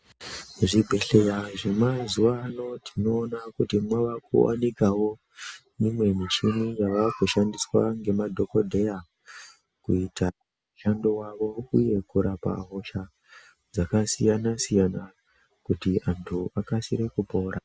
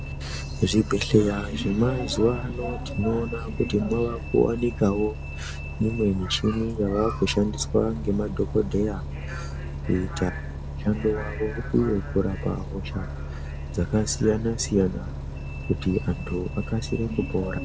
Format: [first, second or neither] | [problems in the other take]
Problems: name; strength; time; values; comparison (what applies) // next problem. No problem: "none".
first | background sound (Bus); 6 dB below the speech